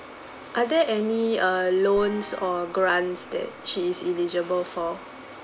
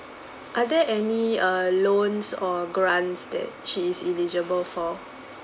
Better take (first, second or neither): second